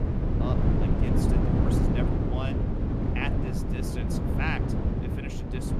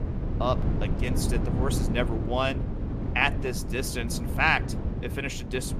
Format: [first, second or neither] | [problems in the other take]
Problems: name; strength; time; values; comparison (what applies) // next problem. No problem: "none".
second | wind noise on the microphone; heavy; 3 dB above the speech; occasional gusts in the second